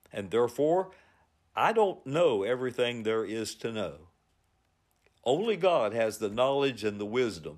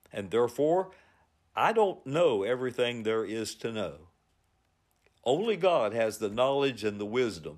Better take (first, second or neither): neither